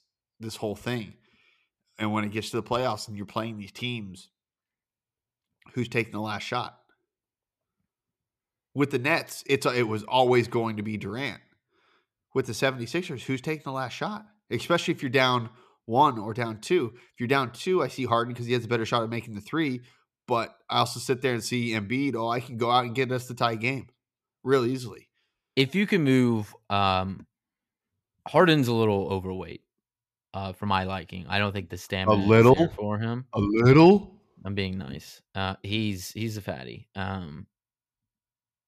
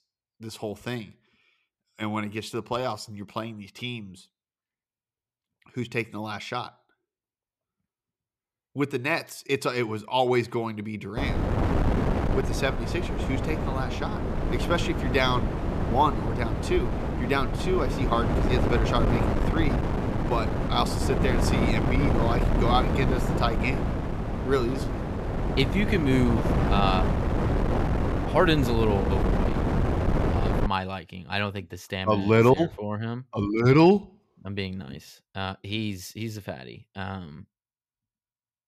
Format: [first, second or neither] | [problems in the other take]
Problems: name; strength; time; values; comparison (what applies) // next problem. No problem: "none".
first | wind noise on the microphone; heavy; from 11 to 31 s; 3 dB below the speech